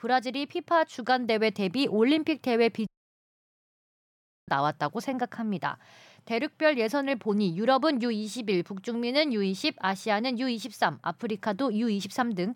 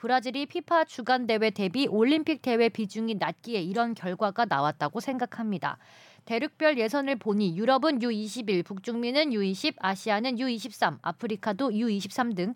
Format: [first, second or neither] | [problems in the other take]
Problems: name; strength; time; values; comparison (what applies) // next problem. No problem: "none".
second | audio cutting out; at 3 s for 1.5 s